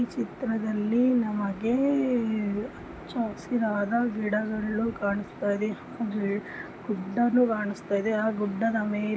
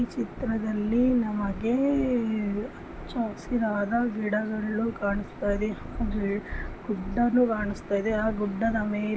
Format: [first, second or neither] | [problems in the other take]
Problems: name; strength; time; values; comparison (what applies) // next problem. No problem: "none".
first | background sound (Purr); 12 dB below the speech